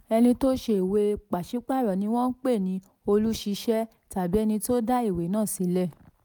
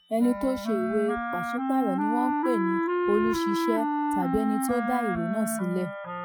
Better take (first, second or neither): first